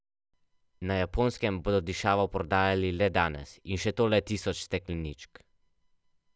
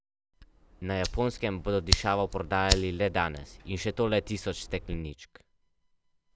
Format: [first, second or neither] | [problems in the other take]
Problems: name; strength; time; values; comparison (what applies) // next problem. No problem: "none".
first | background sound (Fire); 5 dB below the speech